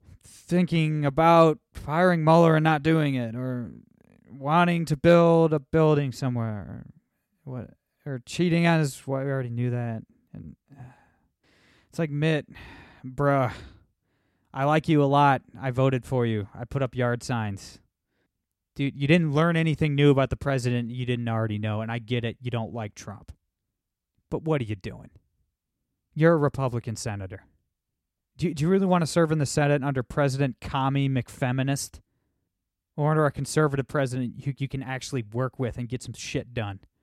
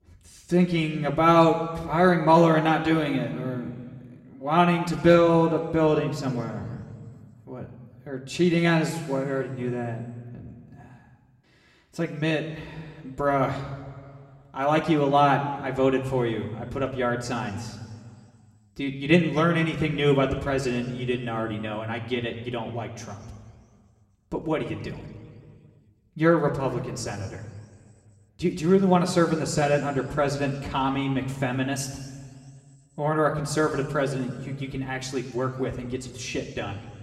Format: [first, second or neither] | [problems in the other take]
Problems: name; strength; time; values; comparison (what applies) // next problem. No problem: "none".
first | room echo; slight; dies away in 1.9 s // off-mic speech; somewhat distant